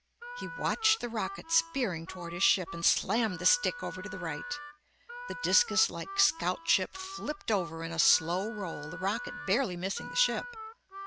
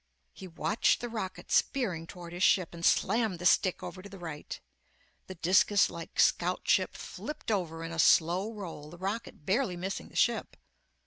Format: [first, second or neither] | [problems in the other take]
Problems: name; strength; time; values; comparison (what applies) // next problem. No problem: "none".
second | background sound (Harmonica); 11 dB below the speech